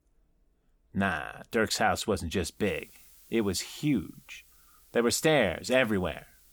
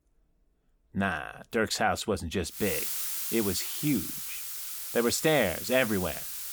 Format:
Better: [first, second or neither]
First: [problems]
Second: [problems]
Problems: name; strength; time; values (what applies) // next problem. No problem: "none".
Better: first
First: hiss; faint; from 2.5 s on; 25 dB below the speech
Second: hiss; loud; from 2.5 s on; 3 dB below the speech